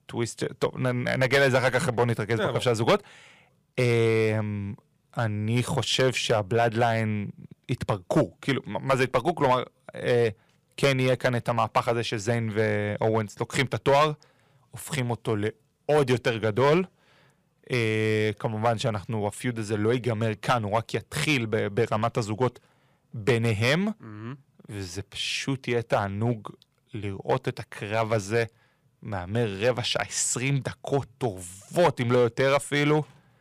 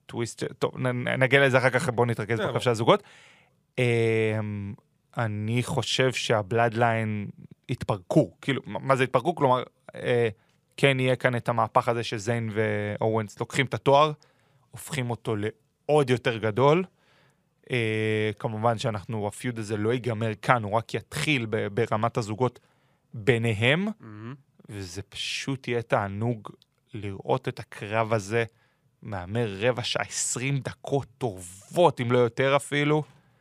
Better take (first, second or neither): second